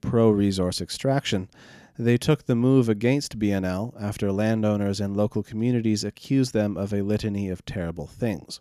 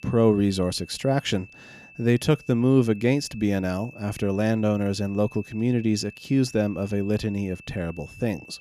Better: first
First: none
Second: high-pitched whine; faint; throughout; 2.5 kHz, 20 dB below the speech

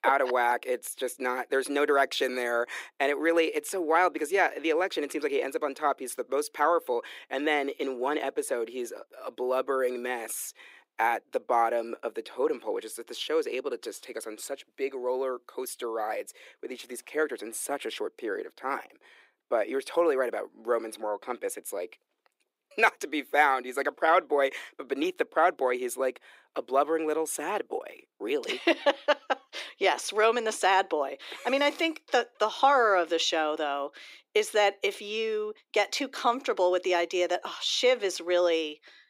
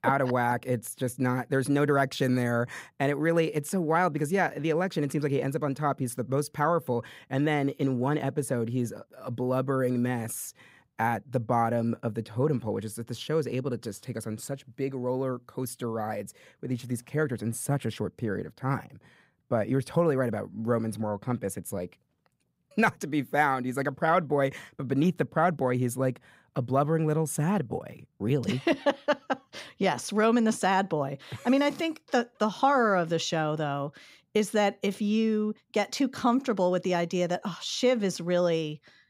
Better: second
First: thin; very; fading below 350 Hz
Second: none

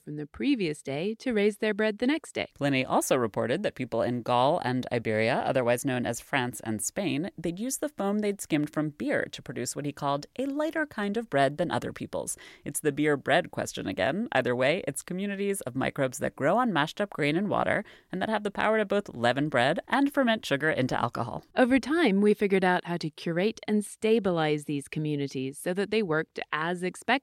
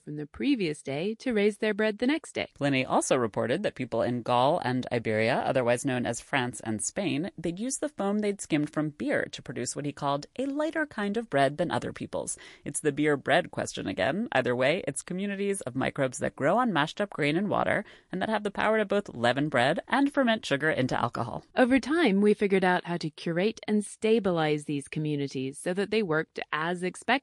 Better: first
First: none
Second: garbled, watery; slightly; nothing above 11 kHz

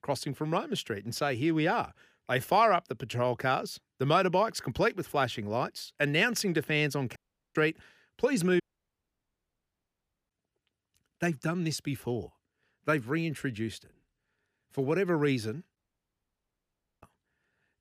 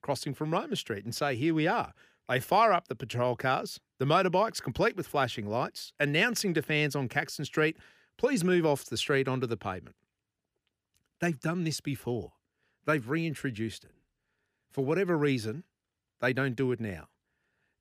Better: second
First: audio cutting out; at 7 s, at 8.5 s for 1.5 s and at 16 s for 1.5 s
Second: none

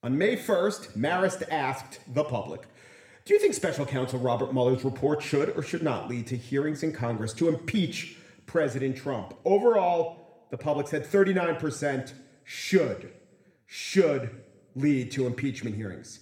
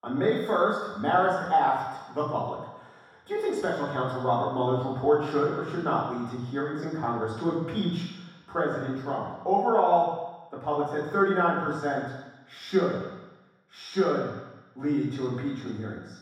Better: first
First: room echo; slight; dies away in 0.7 s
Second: room echo; strong; dies away in 1.2 s // off-mic speech; far

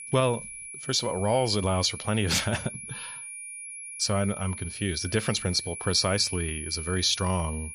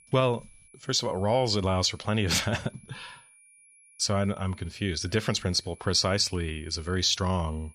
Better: second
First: high-pitched whine; loud; throughout; 10.5 kHz, 9 dB below the speech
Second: high-pitched whine; faint; throughout; 10.5 kHz, 25 dB below the speech

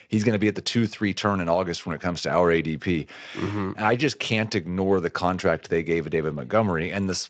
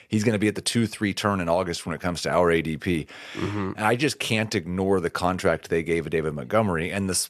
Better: second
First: garbled, watery; slightly; nothing above 7.5 kHz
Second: none

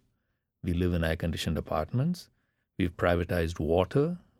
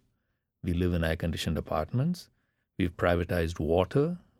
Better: neither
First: none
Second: none

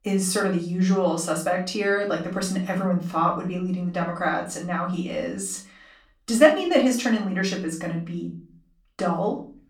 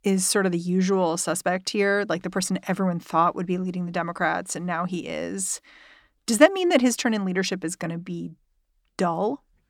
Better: second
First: off-mic speech; far // room echo; slight; dies away in 0.3 s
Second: none

